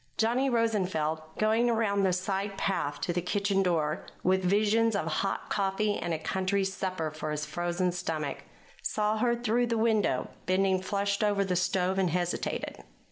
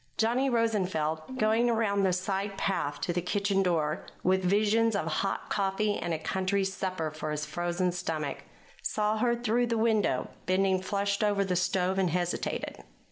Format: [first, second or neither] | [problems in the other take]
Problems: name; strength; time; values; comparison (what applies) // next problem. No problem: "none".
first | background sound (Bowed string instrument); 14 dB below the speech